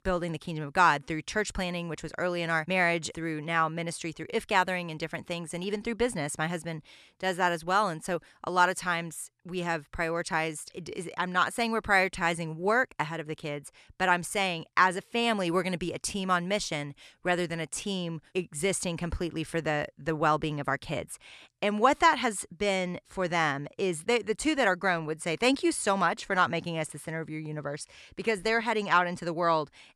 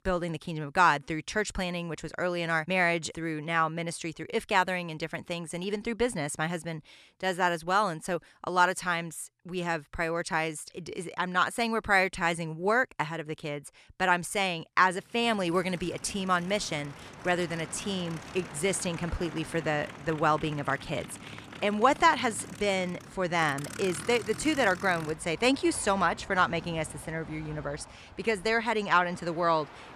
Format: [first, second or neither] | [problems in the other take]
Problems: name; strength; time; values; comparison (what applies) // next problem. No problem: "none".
first | train or aircraft noise; noticeable; from 15 s on; 15 dB below the speech